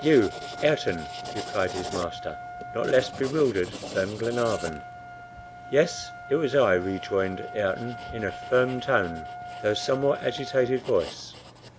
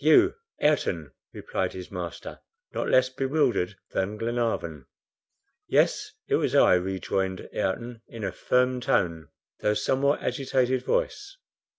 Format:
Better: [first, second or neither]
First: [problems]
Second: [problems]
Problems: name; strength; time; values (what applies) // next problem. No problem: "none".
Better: second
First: background sound (Writing + Trumpet); 11 dB below the speech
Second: none